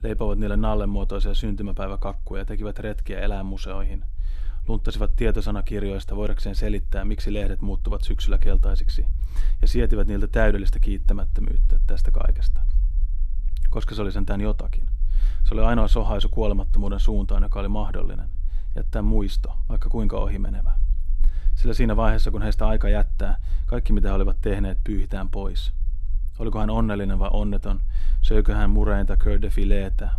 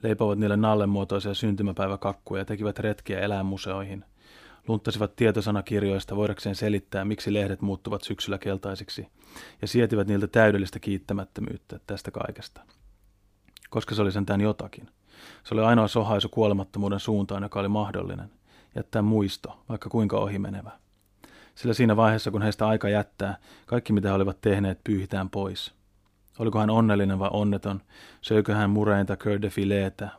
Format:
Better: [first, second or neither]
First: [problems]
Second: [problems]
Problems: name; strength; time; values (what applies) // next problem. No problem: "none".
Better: second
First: low rumble; faint; throughout; 20 dB below the speech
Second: none